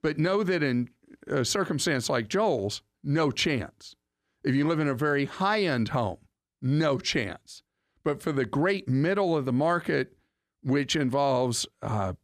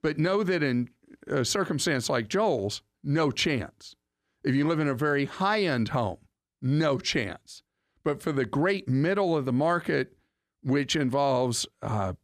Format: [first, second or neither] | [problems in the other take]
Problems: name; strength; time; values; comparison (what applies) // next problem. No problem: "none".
neither | none